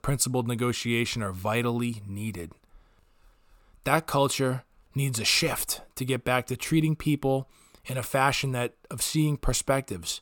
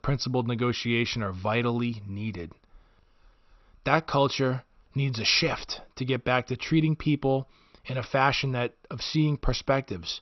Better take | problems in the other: first | garbled, watery; slightly; nothing above 6 kHz

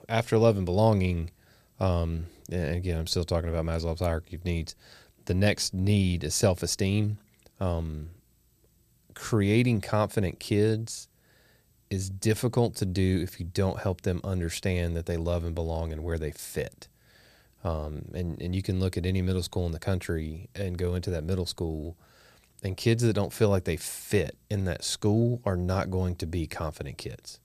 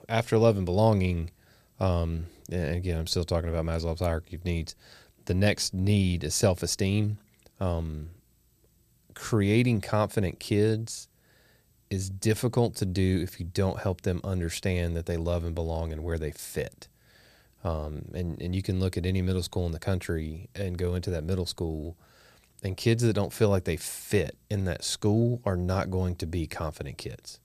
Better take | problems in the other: neither | none

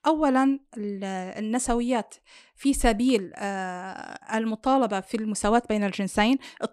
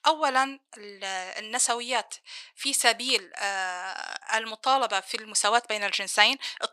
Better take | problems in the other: first | thin; very; fading below 950 Hz

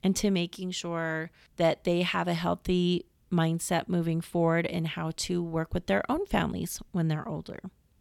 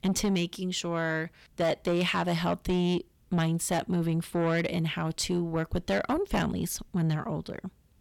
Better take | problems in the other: first | distortion; slight; 10 dB below the speech

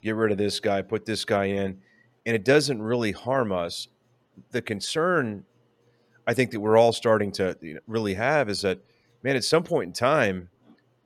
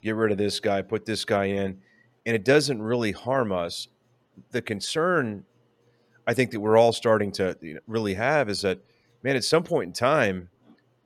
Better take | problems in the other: neither | none

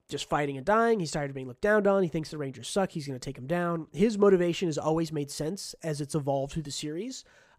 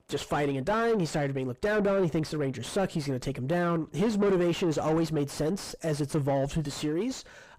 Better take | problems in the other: first | distortion; heavy; 5 dB below the speech

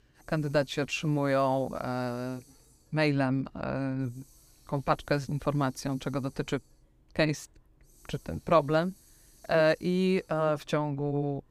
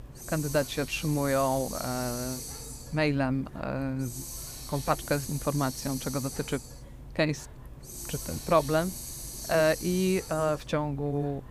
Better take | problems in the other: first | hiss; loud; throughout; 9 dB below the speech; faint in the first

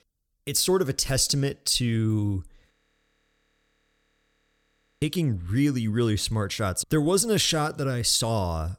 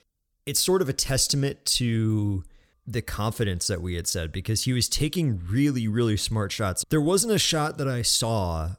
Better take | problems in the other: second | audio freezing; at 2.5 s for 2.5 s

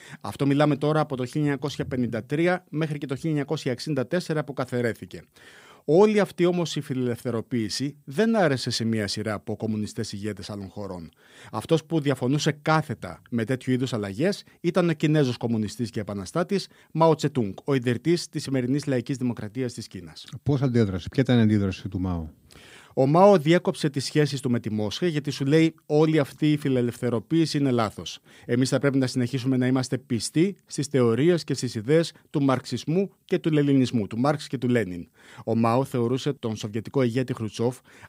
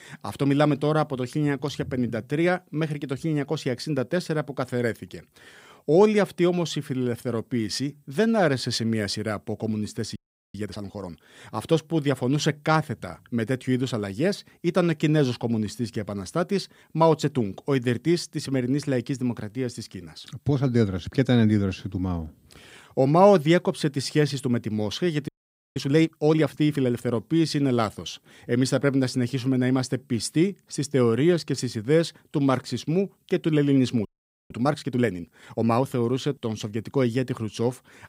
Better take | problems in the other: first | audio freezing; at 10 s, at 25 s and at 34 s

